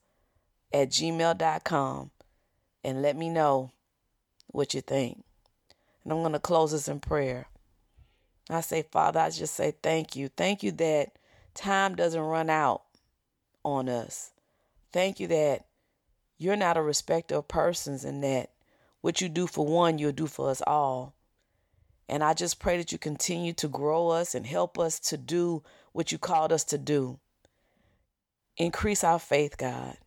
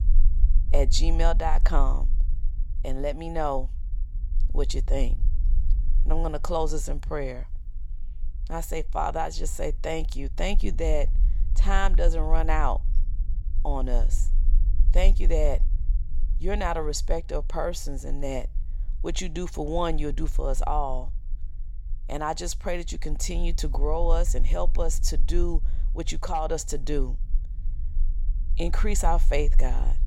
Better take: first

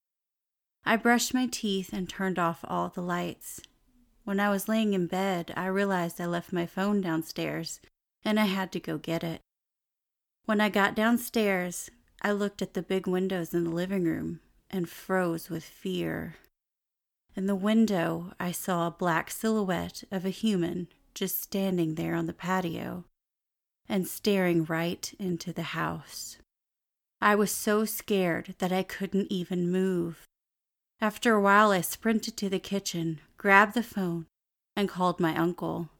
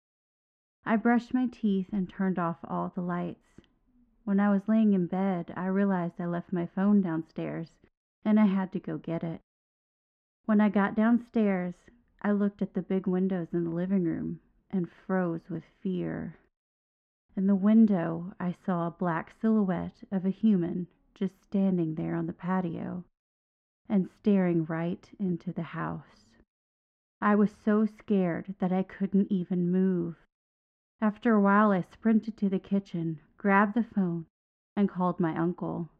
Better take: first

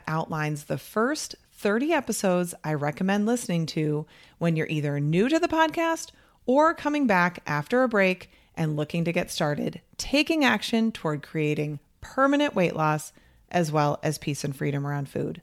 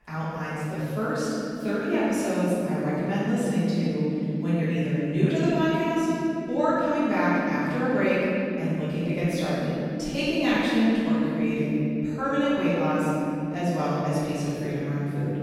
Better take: first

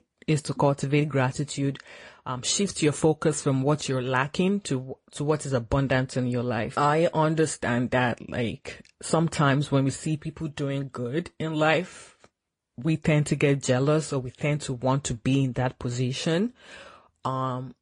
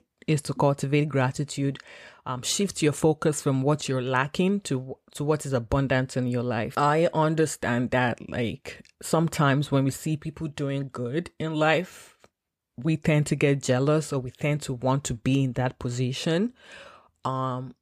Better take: second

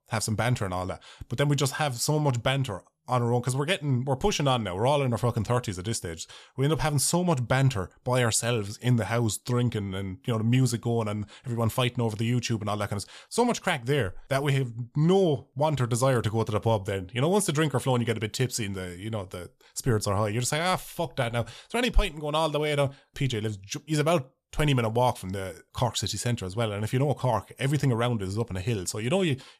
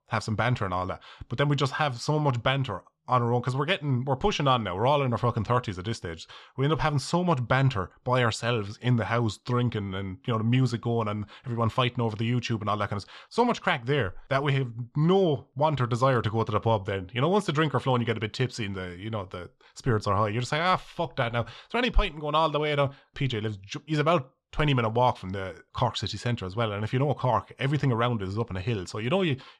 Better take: first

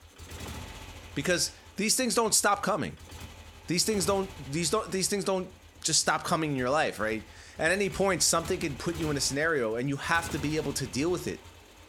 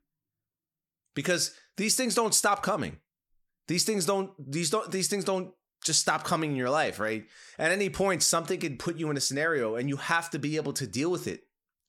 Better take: second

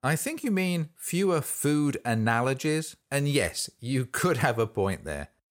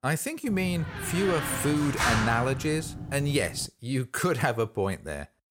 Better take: first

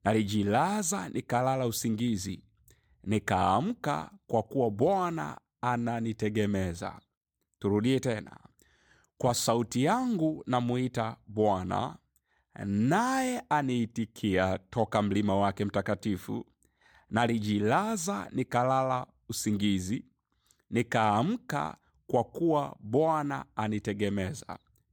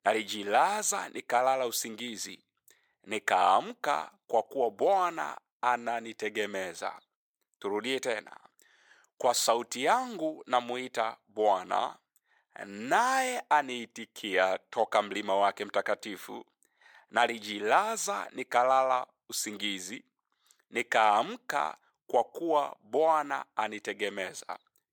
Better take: first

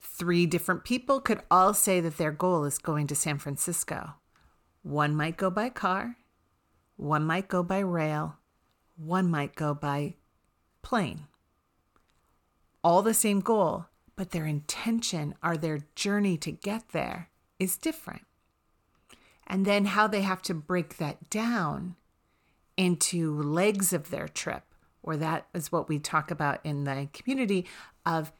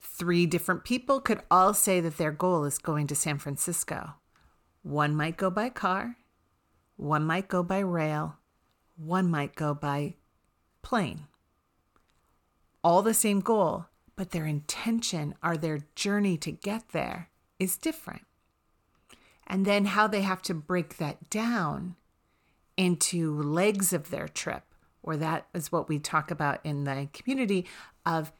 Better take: neither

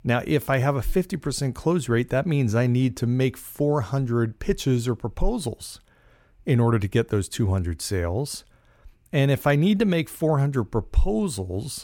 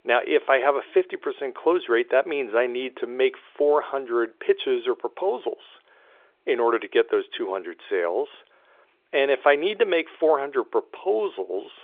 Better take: first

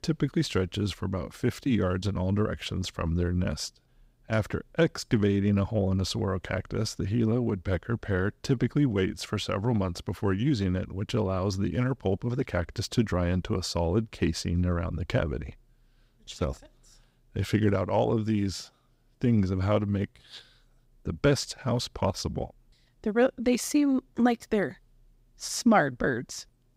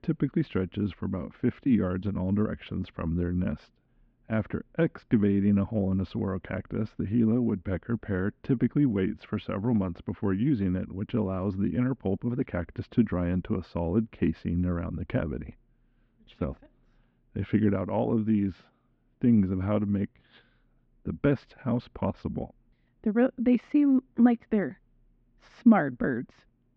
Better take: first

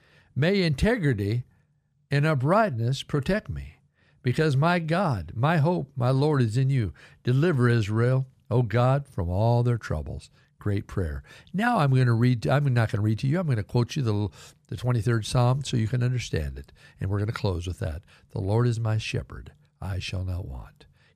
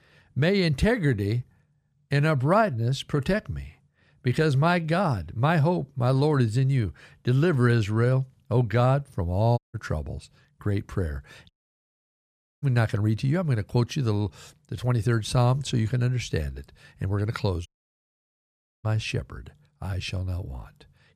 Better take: first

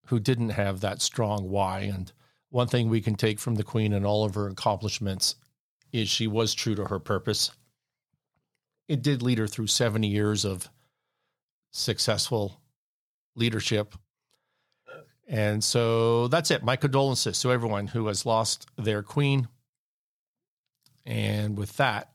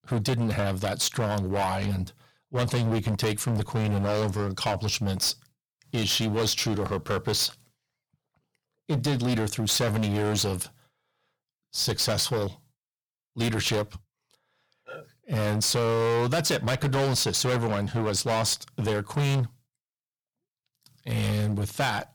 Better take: first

